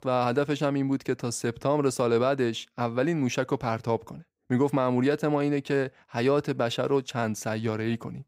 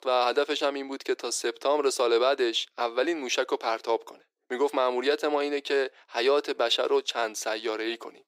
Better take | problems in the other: first | thin; somewhat; fading below 350 Hz

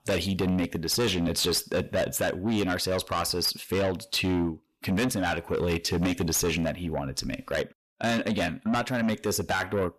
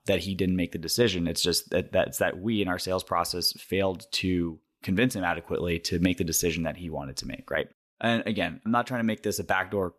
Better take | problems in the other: second | distortion; heavy; 7 dB below the speech

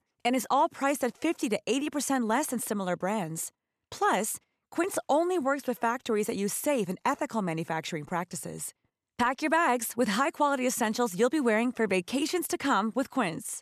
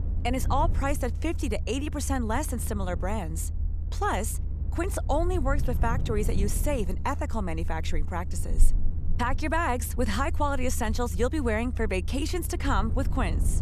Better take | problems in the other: first | low rumble; noticeable; throughout; 15 dB below the speech

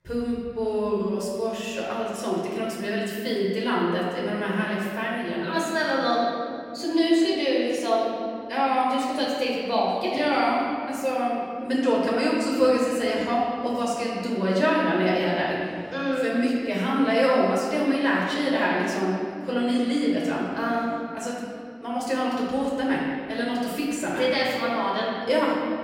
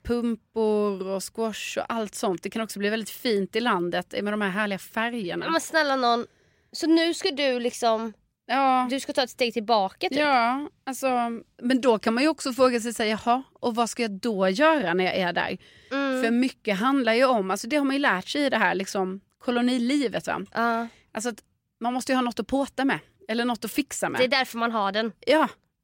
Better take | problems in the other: second | off-mic speech; far // room echo; noticeable; dies away in 2.4 s

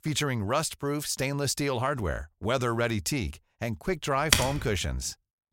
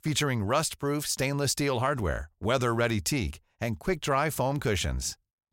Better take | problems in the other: second | keyboard typing; loud; at 4.5 s; peak 5 dB above the speech

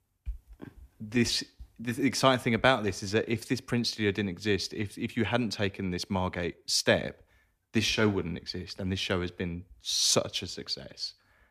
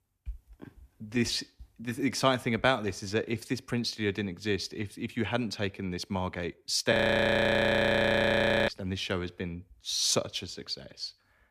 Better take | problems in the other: first | audio freezing; at 7 s for 2 s

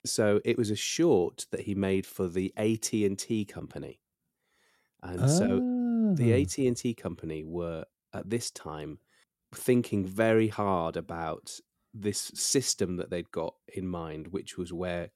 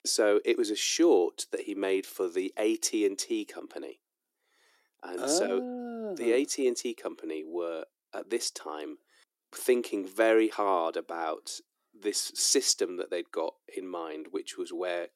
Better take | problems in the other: first | thin; somewhat; fading below 300 Hz

